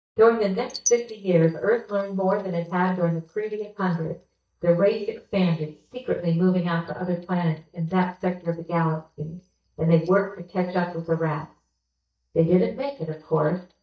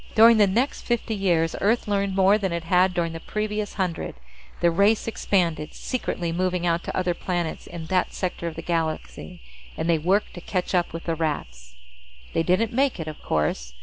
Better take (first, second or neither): second